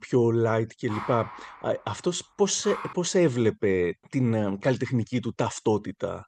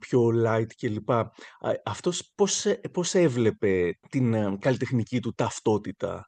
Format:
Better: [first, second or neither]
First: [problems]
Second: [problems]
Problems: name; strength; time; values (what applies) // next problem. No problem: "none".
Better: second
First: dog barking; noticeable; from 1 to 3 s; peak 10 dB below the speech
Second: none